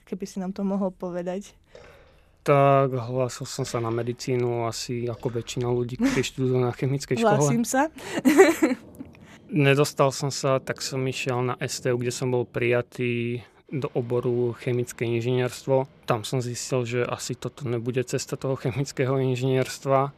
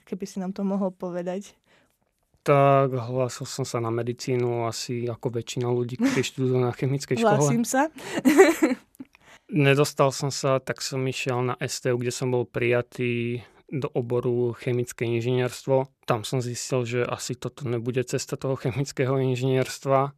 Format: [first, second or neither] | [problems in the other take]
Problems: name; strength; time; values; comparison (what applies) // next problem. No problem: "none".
second | rain or running water; faint; throughout; 25 dB below the speech